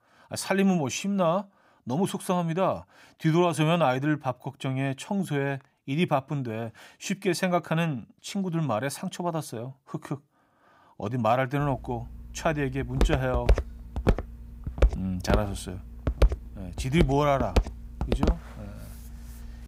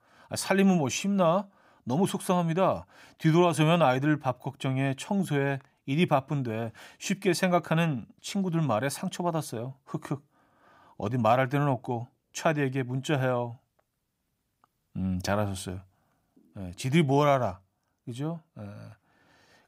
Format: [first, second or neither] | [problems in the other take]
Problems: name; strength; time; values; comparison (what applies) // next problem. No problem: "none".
second | footsteps; loud; from 13 to 18 s; peak 2 dB above the speech